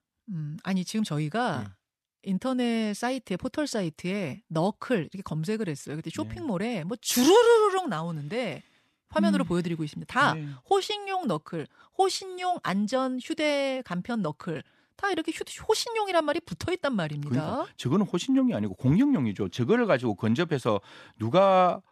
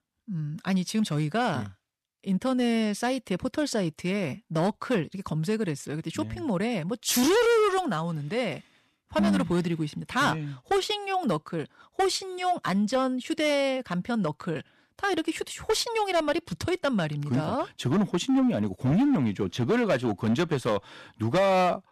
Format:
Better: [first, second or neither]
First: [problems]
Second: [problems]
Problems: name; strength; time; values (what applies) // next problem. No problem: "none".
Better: first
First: none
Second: distortion; slight; 7% of the sound clipped